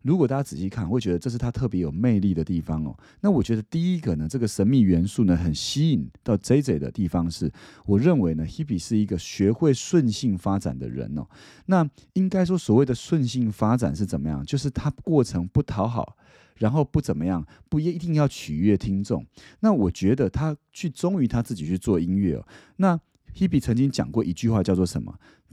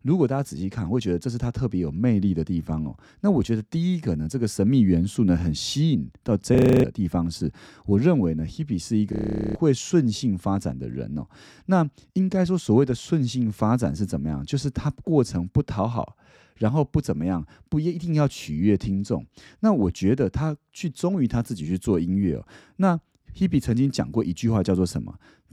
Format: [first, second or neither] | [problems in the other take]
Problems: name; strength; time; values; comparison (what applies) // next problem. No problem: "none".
first | audio freezing; at 6.5 s and at 9 s